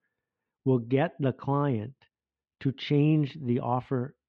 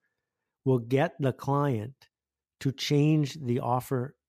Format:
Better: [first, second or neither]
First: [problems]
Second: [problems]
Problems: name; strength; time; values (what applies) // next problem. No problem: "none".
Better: second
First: muffled; slightly; fading above 3 kHz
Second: none